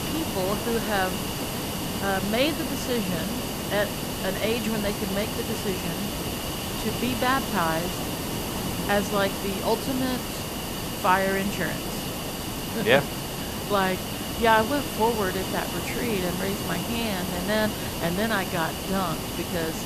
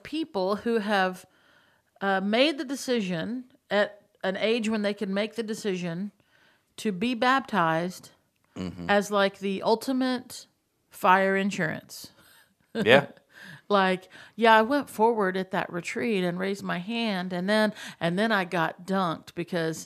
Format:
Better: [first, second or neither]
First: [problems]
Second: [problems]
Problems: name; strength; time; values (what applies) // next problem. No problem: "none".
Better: second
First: hiss; loud; throughout; 2 dB below the speech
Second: none